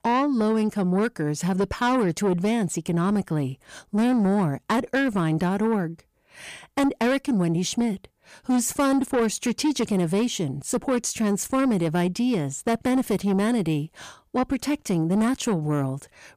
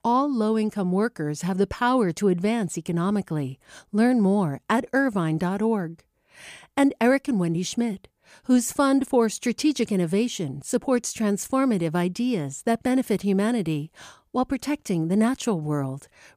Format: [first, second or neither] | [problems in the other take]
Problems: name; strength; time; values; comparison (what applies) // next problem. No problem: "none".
second | distortion; slight; 10 dB below the speech